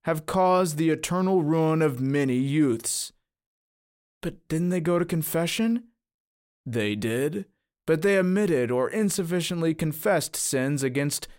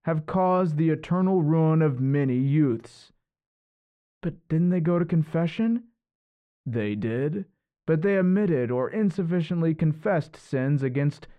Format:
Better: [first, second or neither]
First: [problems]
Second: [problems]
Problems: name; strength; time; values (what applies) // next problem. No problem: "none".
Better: first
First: none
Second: muffled; very; fading above 2 kHz